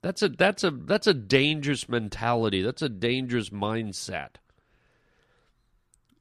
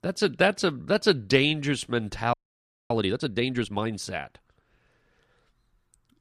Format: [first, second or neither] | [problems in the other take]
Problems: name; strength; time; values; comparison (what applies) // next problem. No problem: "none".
first | audio freezing; at 2.5 s for 0.5 s